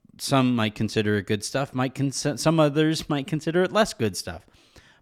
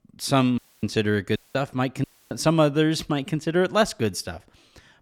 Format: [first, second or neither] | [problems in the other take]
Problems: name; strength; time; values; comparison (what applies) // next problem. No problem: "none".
first | audio cutting out; at 0.5 s, at 1.5 s and at 2 s